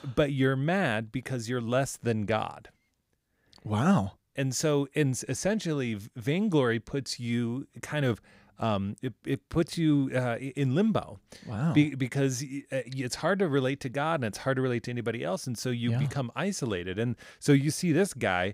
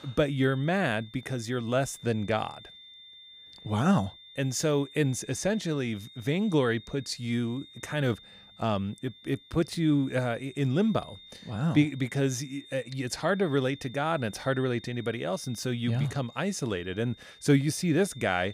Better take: first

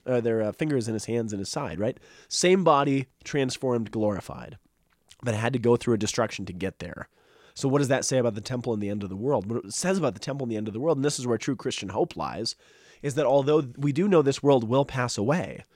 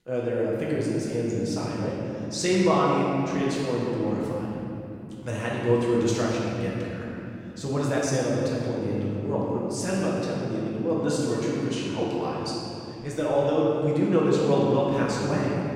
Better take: first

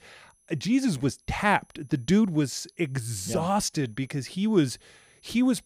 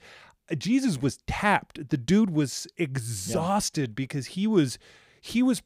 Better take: second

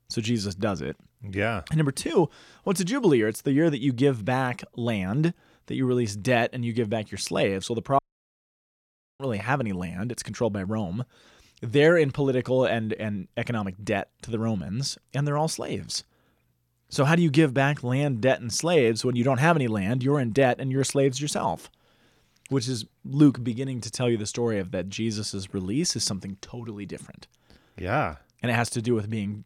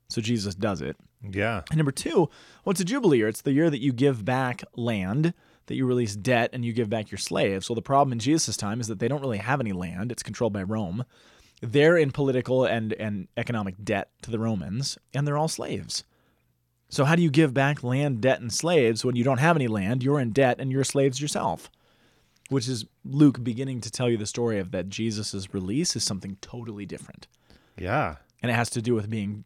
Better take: second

